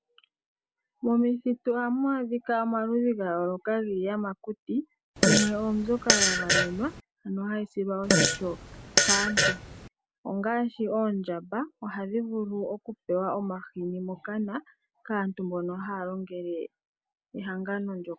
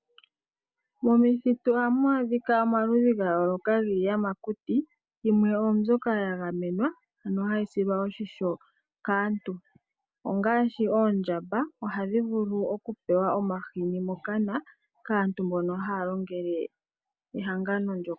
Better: second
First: background sound (Fart); 5 dB above the speech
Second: none

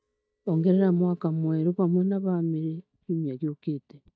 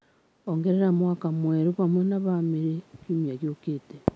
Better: second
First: noise reduction (neural mask model DeepFilterNet 3)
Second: none

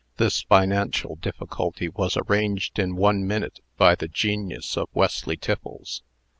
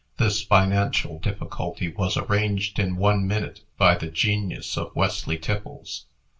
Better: first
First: none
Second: room echo; dies away in 0.2 s

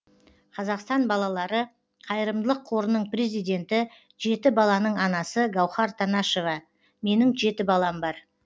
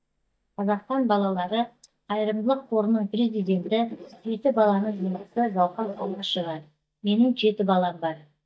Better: first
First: none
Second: noise reduction (neural mask model DeepFilterNet 3)

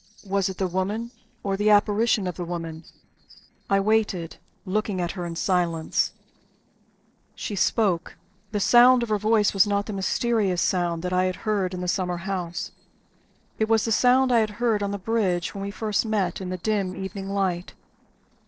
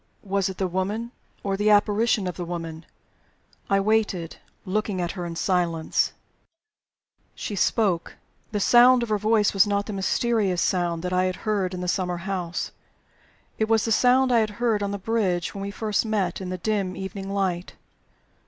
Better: second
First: noise reduction (neural separator model SepFormer DNS4)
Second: none

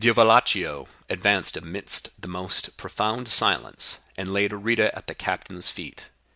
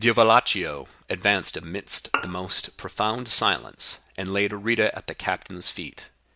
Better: first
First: none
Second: background sound (Bowed string instrument); 8 dB below the speech

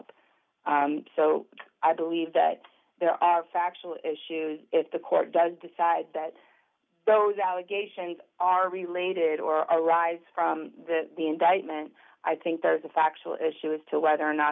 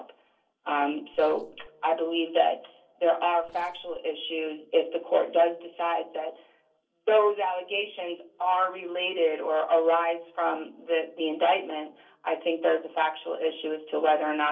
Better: first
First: none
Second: noise reduction (neural separator model SepFormer DNS4)

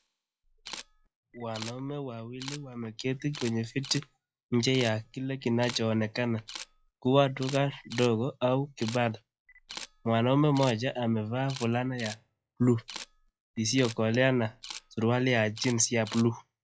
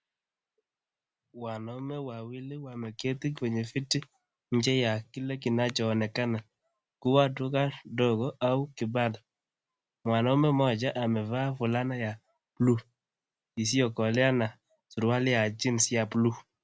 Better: second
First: noise reduction (classical method log-MMSE)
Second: none

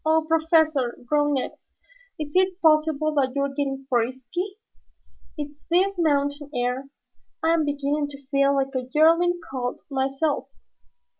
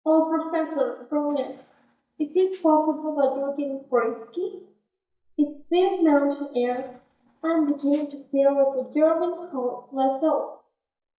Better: first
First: none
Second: noise reduction (neural mask model DeepFilterNet 3)

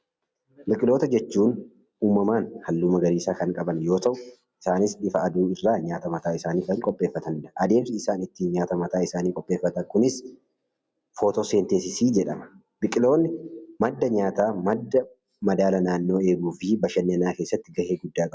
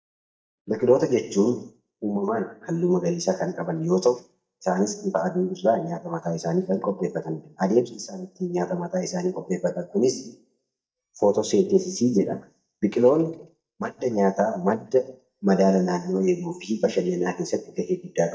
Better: first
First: none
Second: noise reduction (neural mask model DeepFilterNet 3)

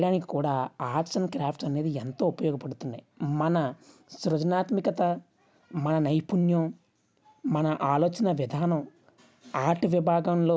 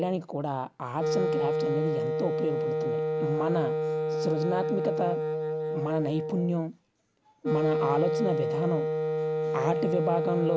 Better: first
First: none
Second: background sound (Wind instrument, woodwind instrument); 2 dB above the speech

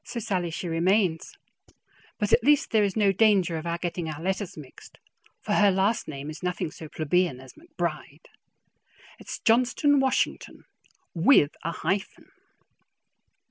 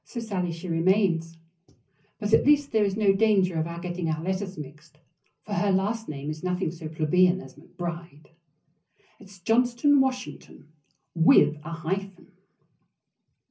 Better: first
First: none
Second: room echo; dies away in 0.5 s

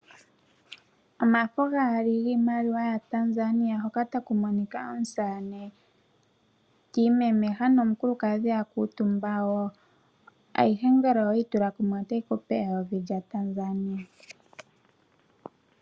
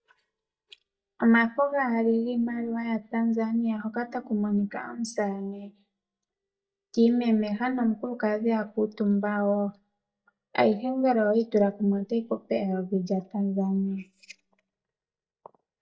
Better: first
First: none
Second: noise reduction (neural mask model DeepFilterNet 3)

